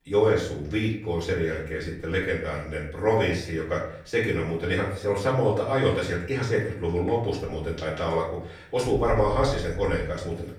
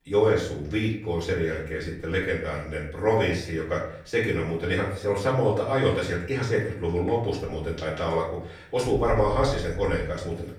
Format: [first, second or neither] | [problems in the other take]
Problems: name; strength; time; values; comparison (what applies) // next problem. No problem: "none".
neither | off-mic speech; far; the same in both // room echo; noticeable; dies away in 0.6 s; the same in both